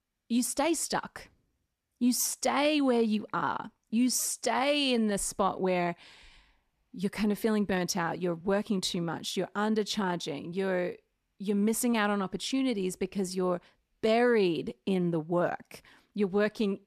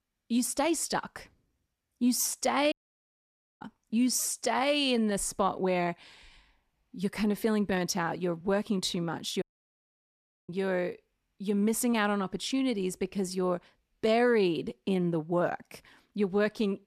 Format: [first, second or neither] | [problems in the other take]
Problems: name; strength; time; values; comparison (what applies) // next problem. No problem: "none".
first | audio cutting out; at 2.5 s for 1 s and at 9.5 s for 1 s